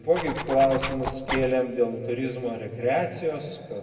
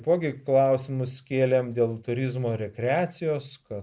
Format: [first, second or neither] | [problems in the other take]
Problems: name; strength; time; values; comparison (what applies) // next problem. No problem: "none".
second | background sound (Zipper (clothing)); 6 dB below the speech // room echo; dies away in 1.8 s